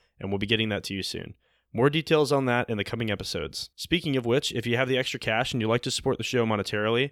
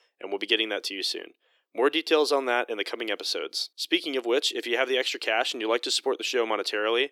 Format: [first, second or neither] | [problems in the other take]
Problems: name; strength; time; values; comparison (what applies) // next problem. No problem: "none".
first | thin; somewhat; fading below 300 Hz